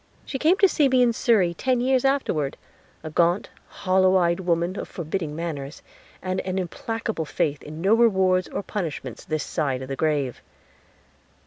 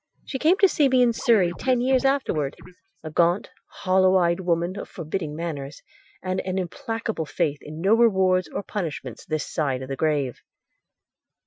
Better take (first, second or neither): first